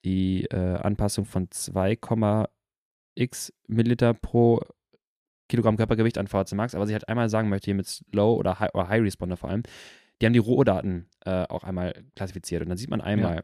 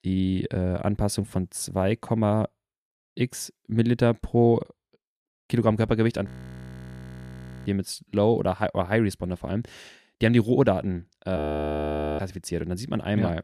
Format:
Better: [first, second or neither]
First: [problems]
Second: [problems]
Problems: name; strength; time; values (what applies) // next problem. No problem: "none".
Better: first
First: none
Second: audio freezing; at 6.5 s for 1.5 s and at 11 s for 1 s